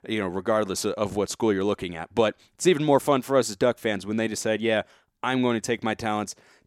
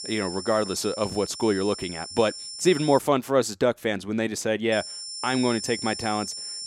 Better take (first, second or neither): first